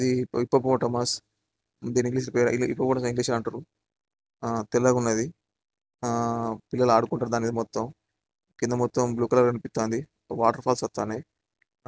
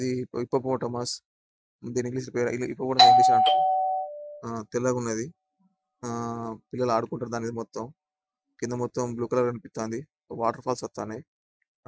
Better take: first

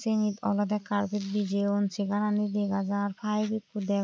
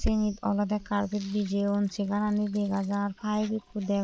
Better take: first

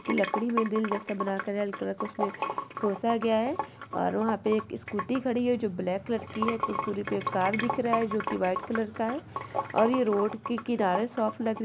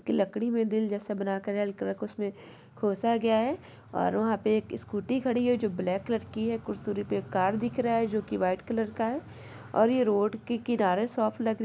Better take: second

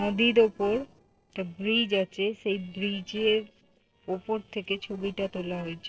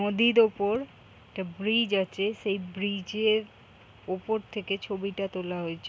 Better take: second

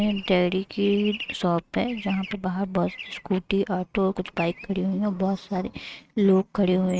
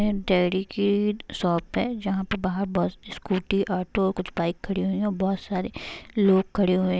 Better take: second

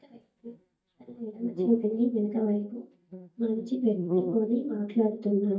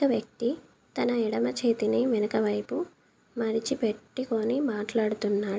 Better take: second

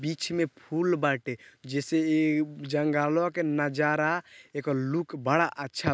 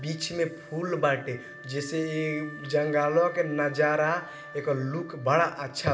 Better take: first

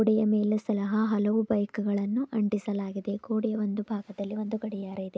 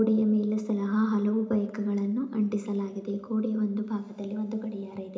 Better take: first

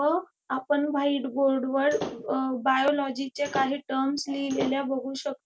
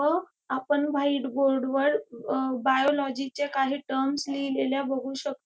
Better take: second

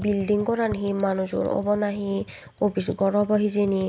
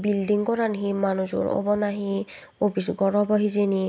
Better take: second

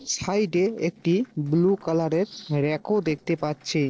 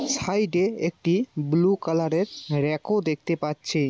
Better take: second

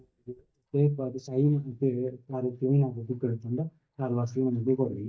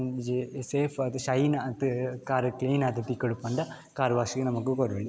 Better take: second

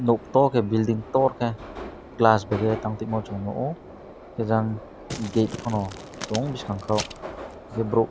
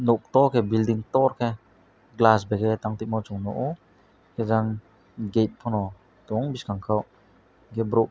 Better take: second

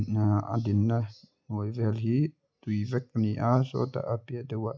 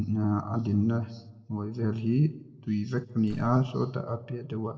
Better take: first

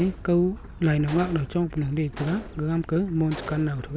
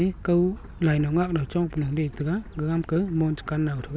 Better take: second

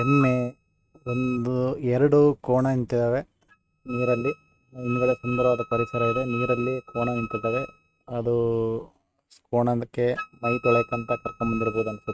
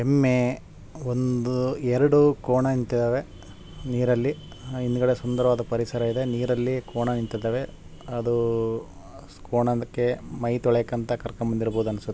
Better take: second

